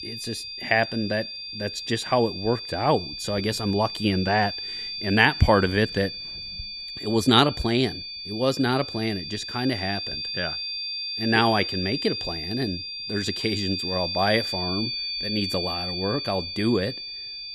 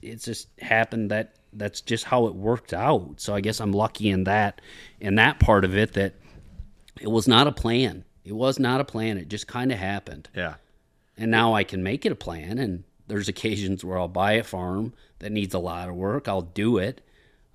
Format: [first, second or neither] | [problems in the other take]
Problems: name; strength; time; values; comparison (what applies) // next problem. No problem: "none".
second | high-pitched whine; loud; throughout; 4.5 kHz, 5 dB below the speech